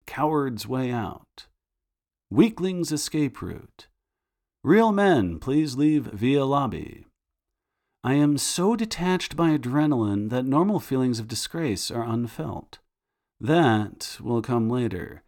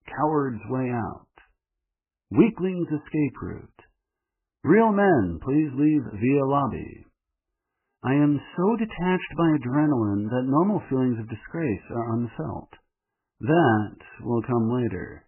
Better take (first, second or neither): first